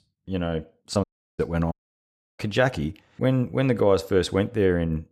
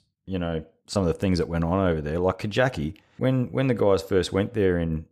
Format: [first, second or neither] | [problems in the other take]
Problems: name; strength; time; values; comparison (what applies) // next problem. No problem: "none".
second | audio cutting out; at 1 s and at 1.5 s for 0.5 s